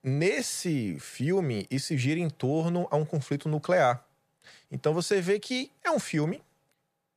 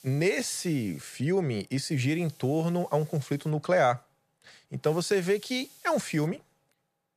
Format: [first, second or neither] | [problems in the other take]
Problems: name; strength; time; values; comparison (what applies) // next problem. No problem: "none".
first | hiss; faint; until 1 s, from 2 to 3.5 s and from 5 to 6.5 s; 25 dB below the speech